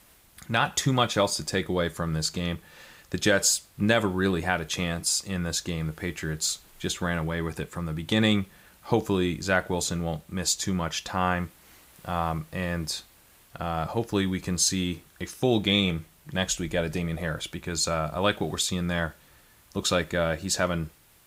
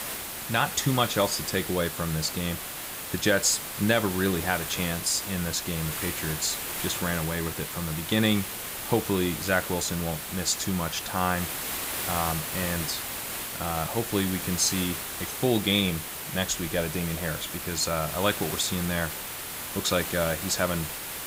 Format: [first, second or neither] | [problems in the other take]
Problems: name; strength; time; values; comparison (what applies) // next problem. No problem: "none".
first | hiss; loud; throughout; 4 dB below the speech; faint in the first